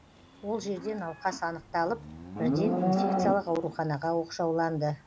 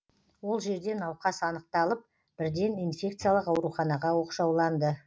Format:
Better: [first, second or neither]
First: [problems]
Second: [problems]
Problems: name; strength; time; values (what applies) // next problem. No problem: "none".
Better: second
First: background sound (Livestock, farm animals, working animals); 3 dB below the speech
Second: none